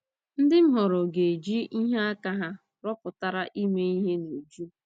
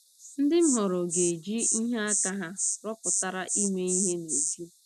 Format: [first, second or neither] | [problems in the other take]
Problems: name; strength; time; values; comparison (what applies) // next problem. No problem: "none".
first | background sound (Insect); 2 dB below the speech